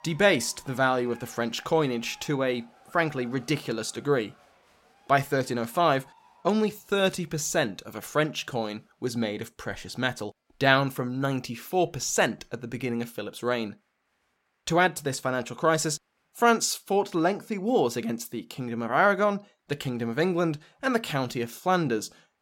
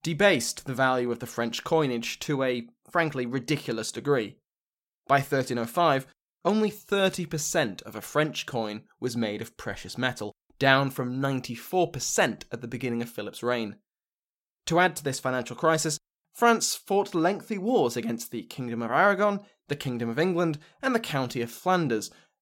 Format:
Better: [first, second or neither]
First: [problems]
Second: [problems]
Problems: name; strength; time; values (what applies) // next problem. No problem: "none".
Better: second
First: crowd noise; faint; throughout; 30 dB below the speech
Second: none